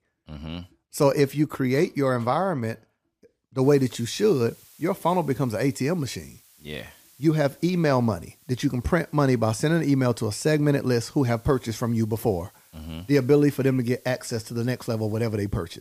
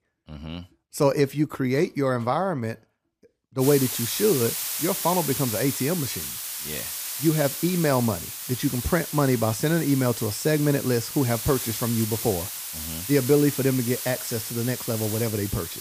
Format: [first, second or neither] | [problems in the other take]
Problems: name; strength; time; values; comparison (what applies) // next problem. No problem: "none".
first | hiss; loud; from 3.5 s on; 5 dB below the speech; faint in the first